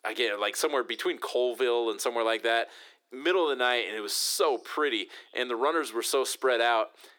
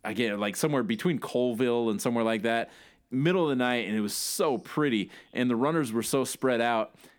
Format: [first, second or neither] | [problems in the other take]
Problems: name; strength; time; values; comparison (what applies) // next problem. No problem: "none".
second | thin; very; fading below 350 Hz